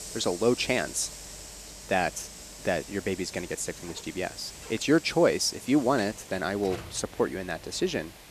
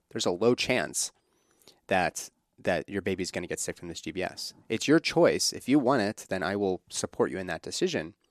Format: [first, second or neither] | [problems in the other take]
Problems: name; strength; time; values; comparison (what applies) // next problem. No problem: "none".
second | hiss; noticeable; throughout; 15 dB below the speech